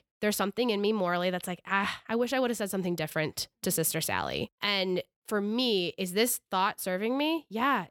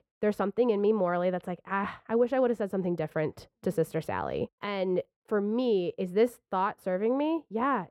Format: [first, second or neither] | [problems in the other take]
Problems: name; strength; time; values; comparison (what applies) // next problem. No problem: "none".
first | muffled; very; fading above 2.5 kHz